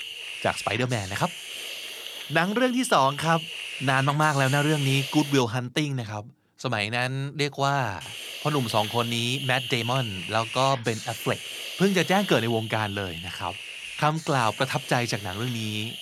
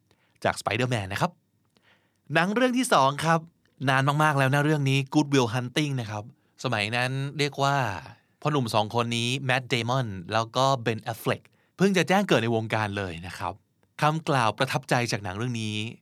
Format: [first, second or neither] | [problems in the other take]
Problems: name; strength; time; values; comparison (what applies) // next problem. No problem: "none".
second | hiss; loud; until 5.5 s and from 8 s on; 8 dB below the speech